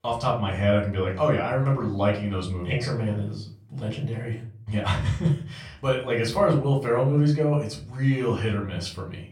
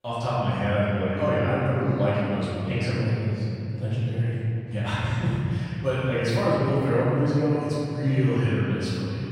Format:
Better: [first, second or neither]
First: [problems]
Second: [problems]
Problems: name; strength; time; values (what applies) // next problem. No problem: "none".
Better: first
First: room echo; slight; dies away in 0.4 s // off-mic speech; far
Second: room echo; strong; dies away in 3 s // off-mic speech; far